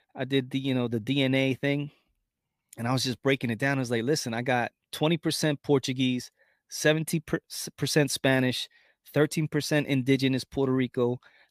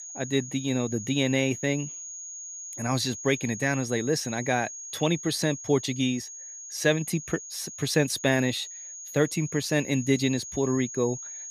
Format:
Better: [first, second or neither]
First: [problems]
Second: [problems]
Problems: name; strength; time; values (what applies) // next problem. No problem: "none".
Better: first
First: none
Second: high-pitched whine; noticeable; throughout; 6.5 kHz, 10 dB below the speech